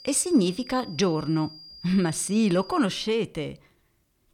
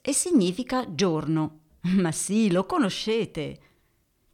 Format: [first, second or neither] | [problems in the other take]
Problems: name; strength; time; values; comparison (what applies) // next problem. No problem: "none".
second | high-pitched whine; noticeable; until 3 s; 5 kHz, 20 dB below the speech